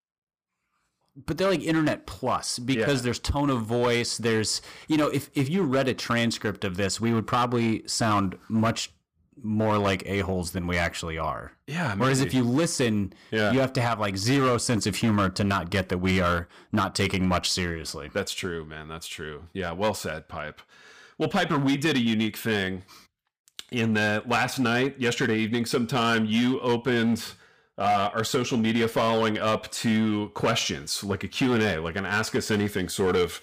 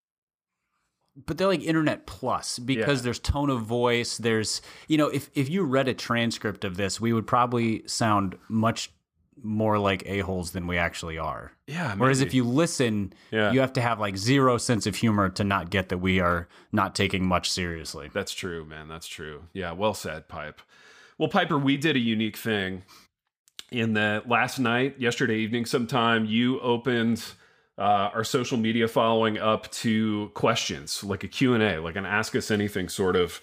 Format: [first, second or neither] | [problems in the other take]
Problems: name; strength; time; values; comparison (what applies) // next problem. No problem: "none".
second | distortion; slight; 7% of the sound clipped